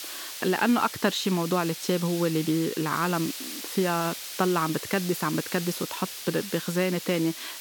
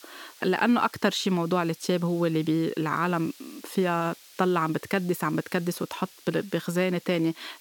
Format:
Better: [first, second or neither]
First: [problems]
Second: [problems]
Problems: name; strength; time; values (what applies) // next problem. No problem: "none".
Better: second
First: hiss; loud; throughout; 8 dB below the speech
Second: hiss; faint; throughout; 20 dB below the speech